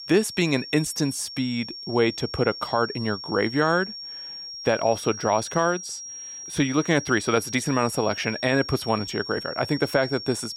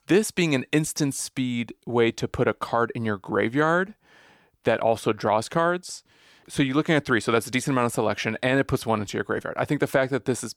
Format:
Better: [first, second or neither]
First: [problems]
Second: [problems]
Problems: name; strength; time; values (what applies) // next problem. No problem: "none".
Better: second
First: high-pitched whine; loud; throughout; 5.5 kHz, 10 dB below the speech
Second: none